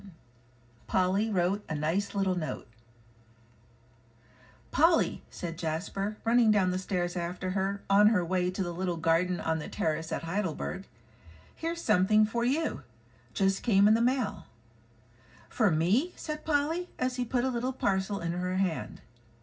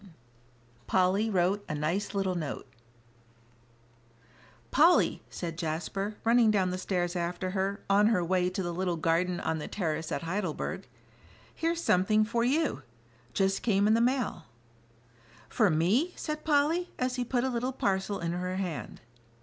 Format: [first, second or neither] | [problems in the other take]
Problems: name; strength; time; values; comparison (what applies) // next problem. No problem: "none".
second | room echo; dies away in 0.4 s